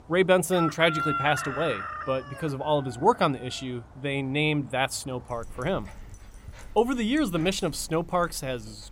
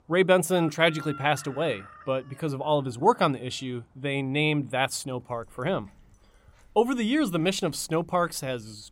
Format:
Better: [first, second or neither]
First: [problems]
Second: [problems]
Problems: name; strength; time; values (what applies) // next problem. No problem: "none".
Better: second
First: animal sounds; loud; throughout; 9 dB below the speech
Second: animal sounds; faint; throughout; 20 dB below the speech